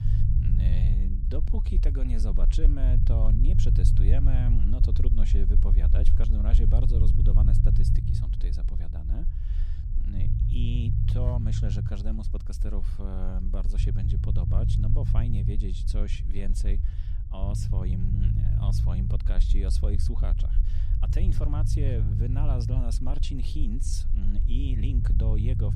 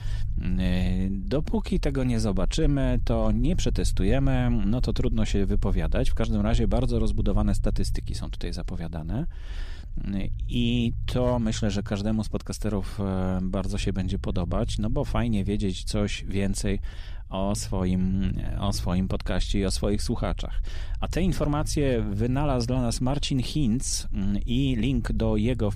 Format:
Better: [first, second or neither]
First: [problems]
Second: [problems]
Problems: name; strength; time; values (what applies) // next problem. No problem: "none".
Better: second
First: low rumble; loud; throughout; 1 dB below the speech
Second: low rumble; faint; throughout; 20 dB below the speech